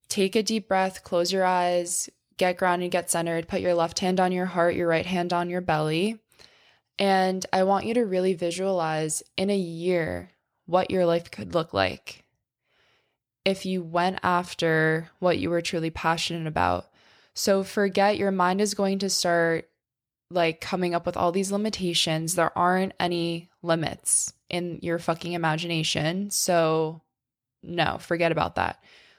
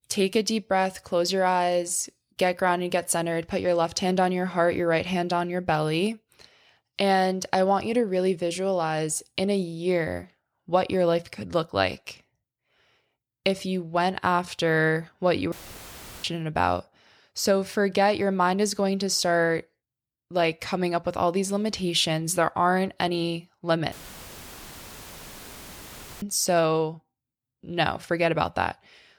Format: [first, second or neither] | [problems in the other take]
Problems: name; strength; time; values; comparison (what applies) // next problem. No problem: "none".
first | audio cutting out; filled with static; at 16 s for 0.5 s and at 24 s for 2.5 s